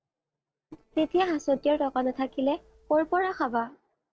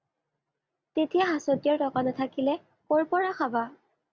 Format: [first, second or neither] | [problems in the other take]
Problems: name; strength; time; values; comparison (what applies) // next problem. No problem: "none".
second | noise reduction (neural separator model SepFormer DNS4)